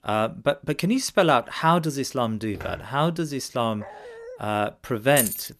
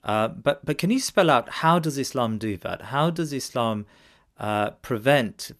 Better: second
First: footsteps; faint; at 2.5 s; peak 15 dB below the speech // dog barking; faint; at 4 s; peak 15 dB below the speech // jangling keys; loud; at 5 s; peak level with the speech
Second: none

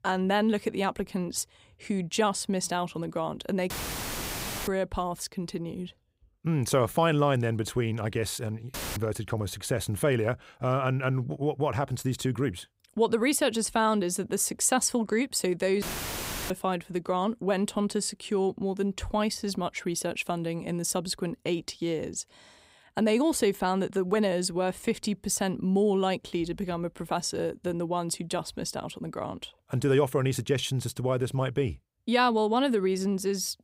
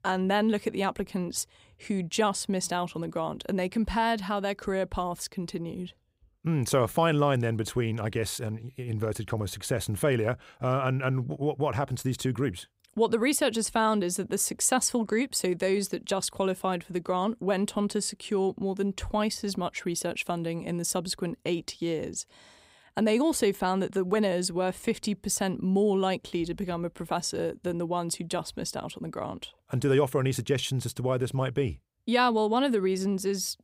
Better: second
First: audio cutting out; filled with static; at 3.5 s for 1 s, at 8.5 s and at 16 s for 0.5 s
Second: none

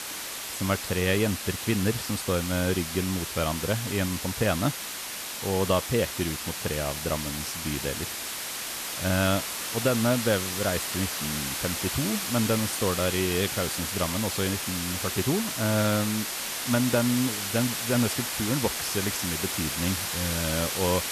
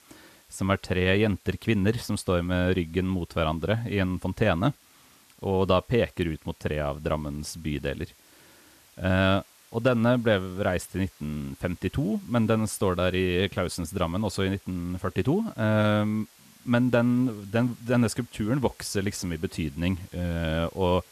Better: second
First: hiss; loud; throughout; 2 dB below the speech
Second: hiss; faint; throughout; 25 dB below the speech

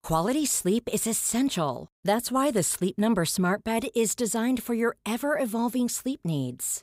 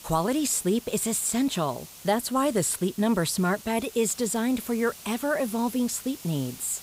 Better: first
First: none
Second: hiss; noticeable; throughout; 15 dB below the speech

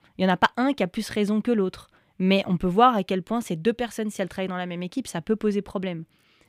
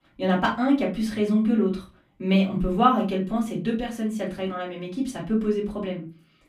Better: first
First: none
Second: off-mic speech; far // room echo; very slight; dies away in 0.3 s

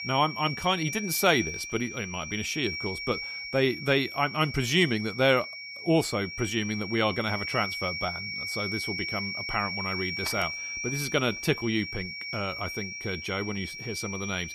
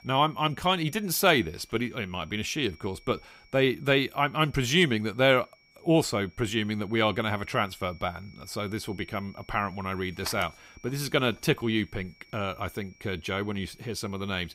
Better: second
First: high-pitched whine; loud; throughout; 2.5 kHz, 5 dB below the speech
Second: high-pitched whine; faint; throughout; 2.5 kHz, 30 dB below the speech

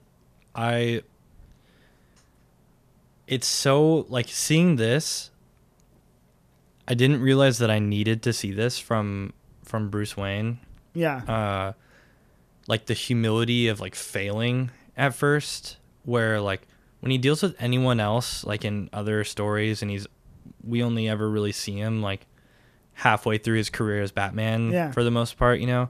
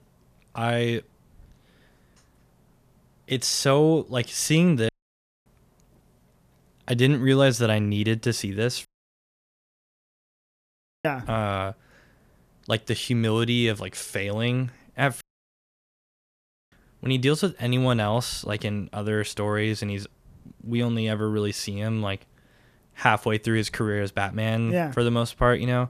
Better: first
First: none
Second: audio cutting out; at 5 s for 0.5 s, at 9 s for 2 s and at 15 s for 1.5 s

